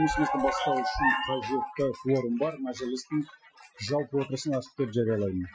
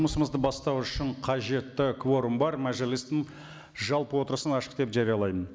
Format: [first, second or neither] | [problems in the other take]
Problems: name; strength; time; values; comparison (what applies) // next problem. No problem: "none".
second | noise reduction (classical method Wiener filter)